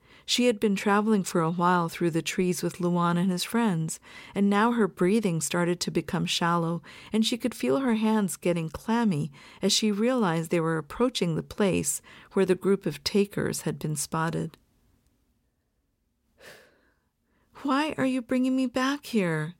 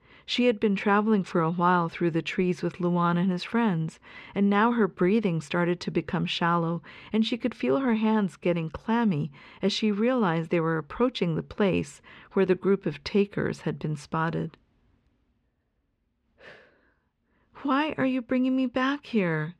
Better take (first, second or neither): first